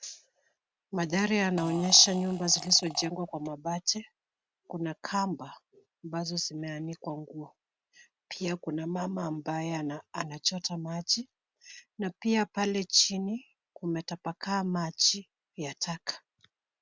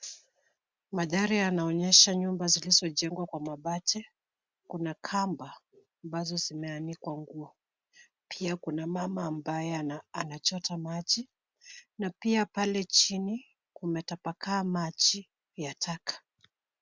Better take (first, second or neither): second